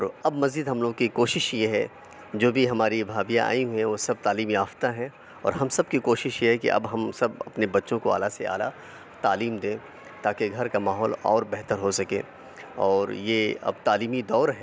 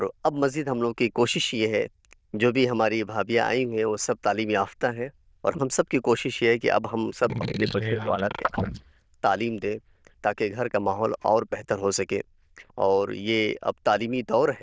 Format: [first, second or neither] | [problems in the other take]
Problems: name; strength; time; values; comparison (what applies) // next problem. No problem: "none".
first | noise reduction (neural diffusion model UNIVERSE++)